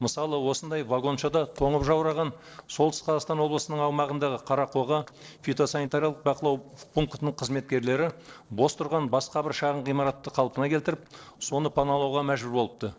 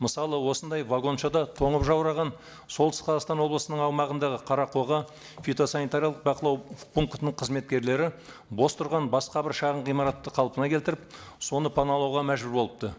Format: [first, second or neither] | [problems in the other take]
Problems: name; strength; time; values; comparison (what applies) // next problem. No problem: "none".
second | noise reduction (neural separator model SepFormer DNS4)